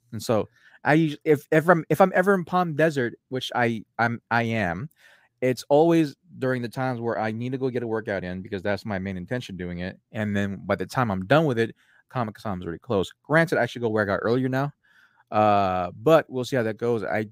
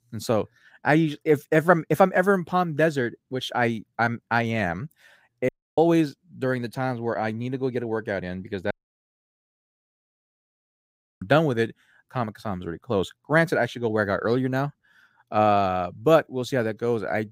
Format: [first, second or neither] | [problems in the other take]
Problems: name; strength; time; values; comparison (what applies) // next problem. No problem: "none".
first | audio cutting out; at 5.5 s and at 8.5 s for 2.5 s